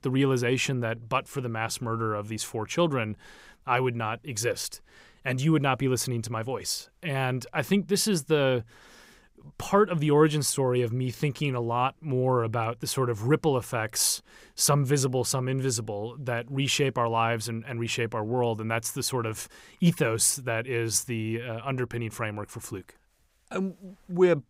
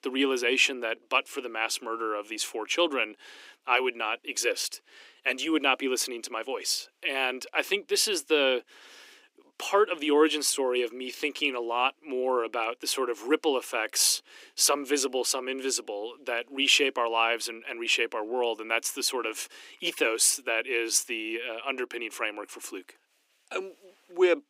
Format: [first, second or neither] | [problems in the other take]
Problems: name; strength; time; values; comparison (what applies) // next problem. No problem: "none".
first | thin; somewhat; fading below 300 Hz